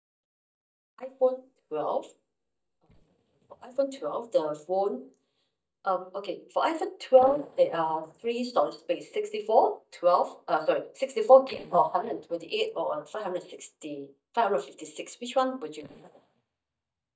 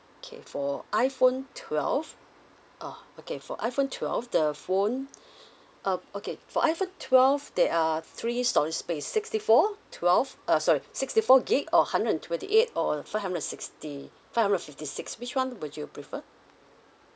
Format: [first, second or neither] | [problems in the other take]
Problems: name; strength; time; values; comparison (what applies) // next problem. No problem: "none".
second | noise reduction (neural mask model DeepFilterNet 3)